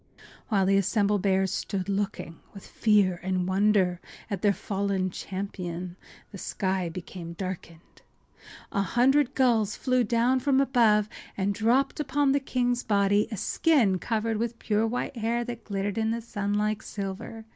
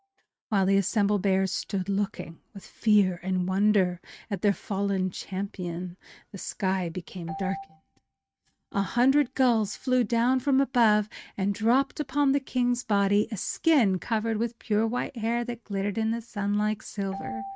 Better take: first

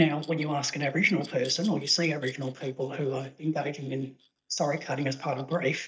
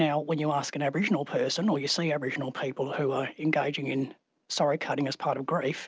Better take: second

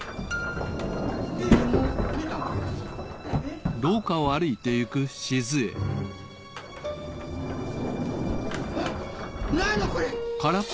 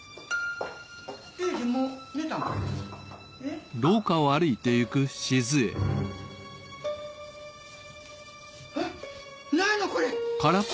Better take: second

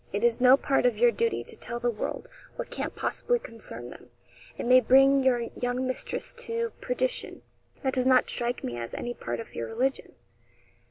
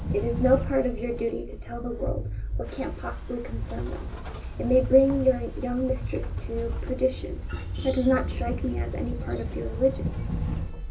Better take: first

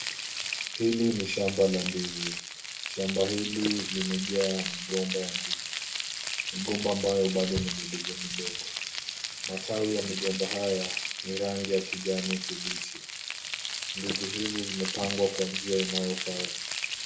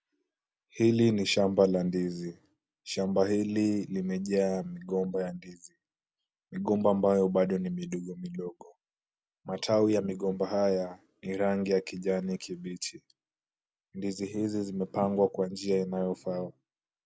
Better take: second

